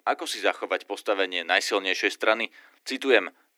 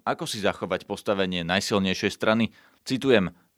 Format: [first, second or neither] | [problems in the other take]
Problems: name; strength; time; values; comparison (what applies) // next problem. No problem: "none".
second | thin; somewhat; fading below 300 Hz